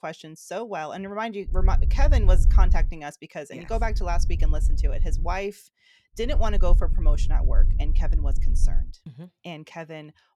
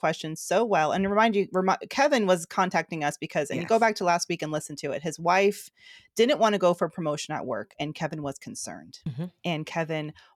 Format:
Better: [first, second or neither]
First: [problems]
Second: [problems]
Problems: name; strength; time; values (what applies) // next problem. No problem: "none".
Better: second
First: low rumble; noticeable; from 1.5 to 3 s, from 3.5 to 5.5 s and from 6 to 9 s; 15 dB below the speech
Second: none